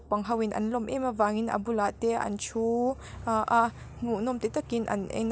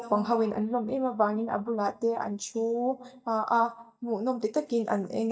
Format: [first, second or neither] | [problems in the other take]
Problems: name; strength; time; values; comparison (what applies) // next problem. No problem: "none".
first | noise reduction (neural mask model DeepFilterNet 3)